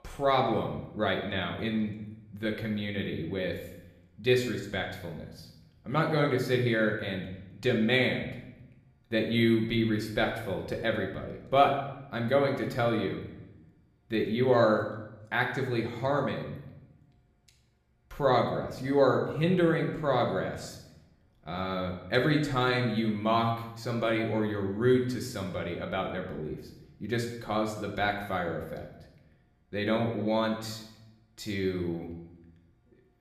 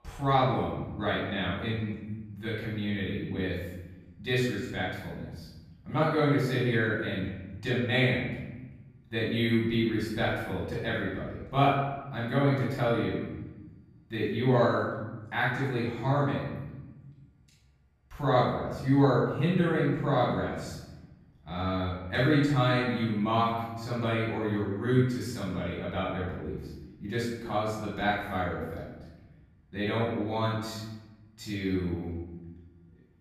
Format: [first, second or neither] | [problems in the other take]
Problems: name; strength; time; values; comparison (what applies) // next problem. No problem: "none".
first | room echo; strong; dies away in 1.2 s; slight in the first // off-mic speech; far; somewhat distant in the first